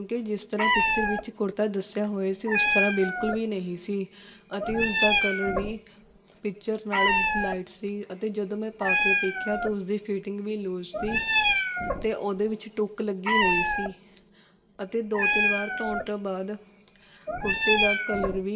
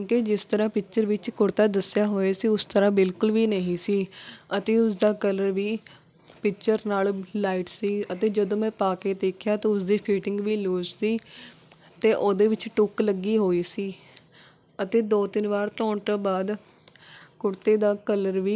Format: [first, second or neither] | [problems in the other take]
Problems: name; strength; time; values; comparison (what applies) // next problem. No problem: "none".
second | background sound (Meow); 1 dB above the speech // room echo; dies away in 1.4 s